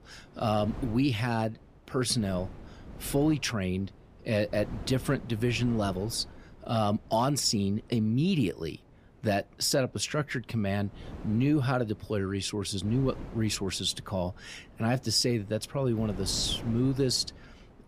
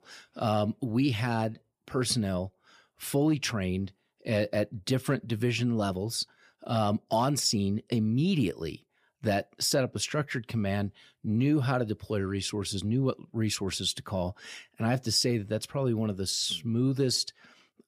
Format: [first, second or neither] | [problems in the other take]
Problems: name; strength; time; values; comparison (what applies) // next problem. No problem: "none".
second | wind noise on the microphone; occasional gusts; 20 dB below the speech